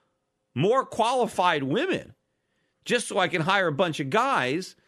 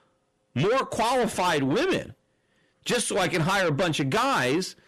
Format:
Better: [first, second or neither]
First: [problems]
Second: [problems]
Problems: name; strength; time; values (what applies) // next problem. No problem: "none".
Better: first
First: none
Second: distortion; heavy; 6 dB below the speech